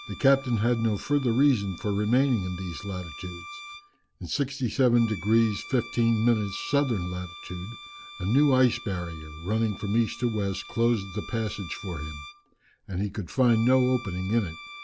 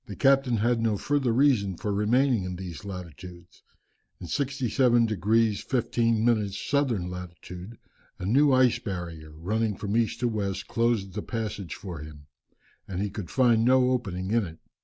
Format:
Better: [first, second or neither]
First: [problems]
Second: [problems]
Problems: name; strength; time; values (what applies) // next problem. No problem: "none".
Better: second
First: background sound (Bowed string instrument); 17 dB below the speech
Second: none